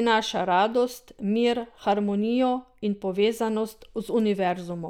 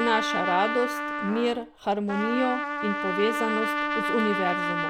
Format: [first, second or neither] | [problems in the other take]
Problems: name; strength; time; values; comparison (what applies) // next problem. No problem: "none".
first | background sound (Trumpet); 1 dB below the speech